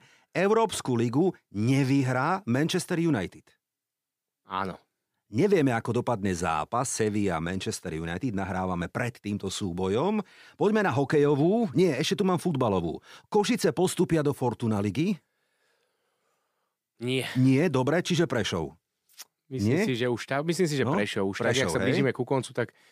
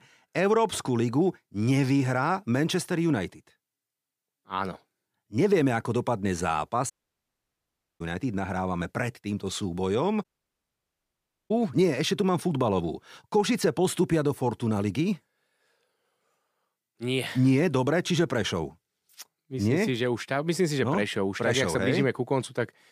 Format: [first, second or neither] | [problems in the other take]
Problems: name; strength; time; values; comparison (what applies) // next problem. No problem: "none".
first | audio cutting out; at 7 s for 1 s and at 10 s for 1.5 s